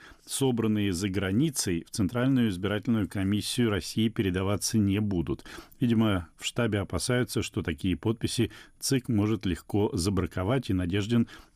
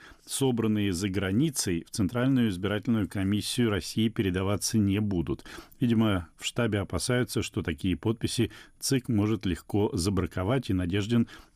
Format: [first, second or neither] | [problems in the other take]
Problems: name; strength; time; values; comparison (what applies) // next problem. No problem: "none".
neither | none